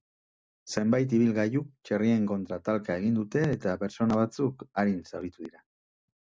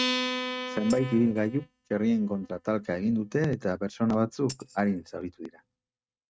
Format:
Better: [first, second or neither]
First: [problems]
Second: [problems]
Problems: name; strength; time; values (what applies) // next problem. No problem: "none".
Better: first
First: none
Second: noise reduction (neural mask model RNNoise)